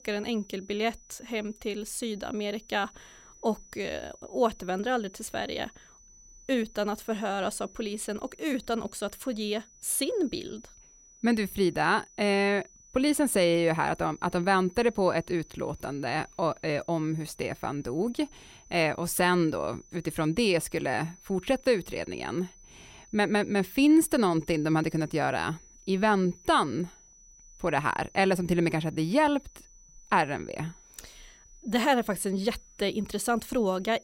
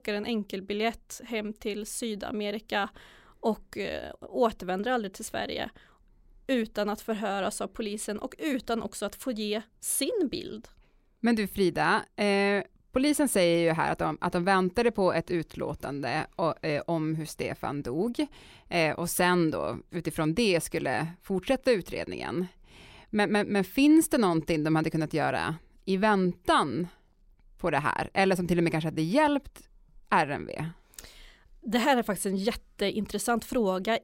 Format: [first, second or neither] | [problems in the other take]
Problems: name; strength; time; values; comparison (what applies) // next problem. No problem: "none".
second | high-pitched whine; faint; throughout; 6 kHz, 25 dB below the speech